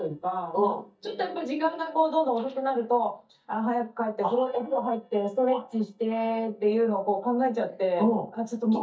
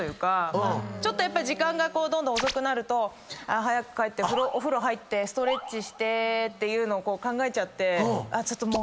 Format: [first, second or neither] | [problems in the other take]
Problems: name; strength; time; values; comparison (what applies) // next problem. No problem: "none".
second | noise reduction (neural mask model DeepFilterNet 3)